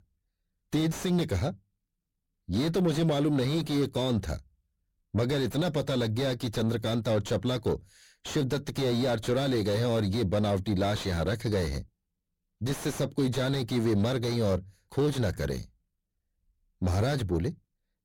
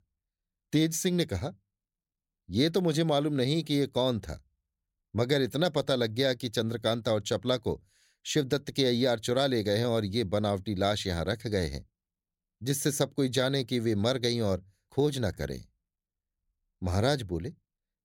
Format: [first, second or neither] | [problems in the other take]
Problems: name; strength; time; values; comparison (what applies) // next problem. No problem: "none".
second | distortion; heavy; 5 dB below the speech